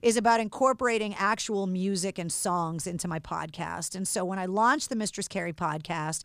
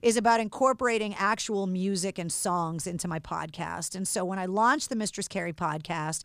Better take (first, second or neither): neither